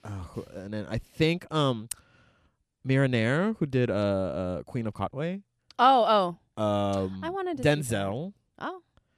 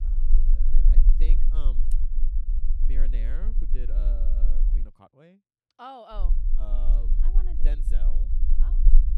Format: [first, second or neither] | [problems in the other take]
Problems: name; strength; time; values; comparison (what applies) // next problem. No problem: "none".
first | low rumble; loud; until 5 s and from 6 s on; 6 dB below the speech